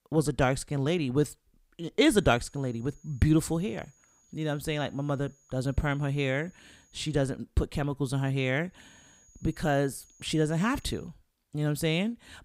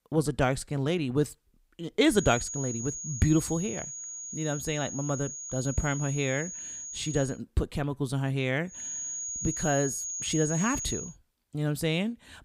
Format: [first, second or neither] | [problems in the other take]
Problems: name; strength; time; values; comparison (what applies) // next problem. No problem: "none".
first | high-pitched whine; loud; from 2 to 7.5 s and from 9 to 11 s; 6.5 kHz, 5 dB below the speech; faint in the first